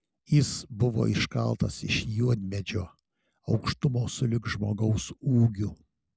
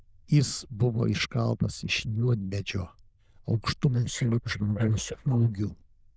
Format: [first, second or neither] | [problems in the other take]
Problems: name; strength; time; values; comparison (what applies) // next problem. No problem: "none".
first | noise reduction (neural diffusion model UNIVERSE++)